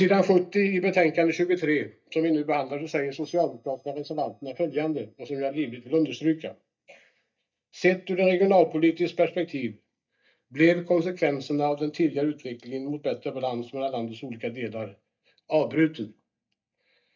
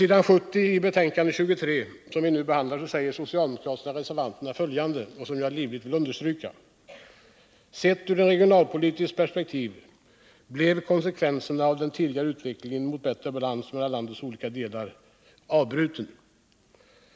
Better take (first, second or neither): second